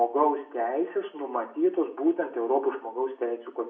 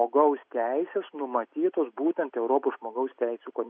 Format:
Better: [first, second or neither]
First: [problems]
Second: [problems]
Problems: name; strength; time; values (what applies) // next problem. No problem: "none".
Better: second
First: room echo; dies away in 0.5 s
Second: none